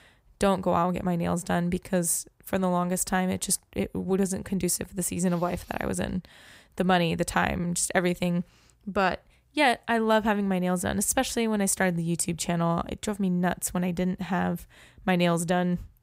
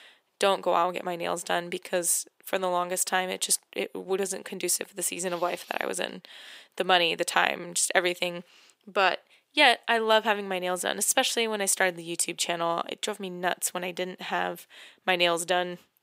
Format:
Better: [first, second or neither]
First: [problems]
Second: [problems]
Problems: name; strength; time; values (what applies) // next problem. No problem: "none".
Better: first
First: none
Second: thin; somewhat; fading below 350 Hz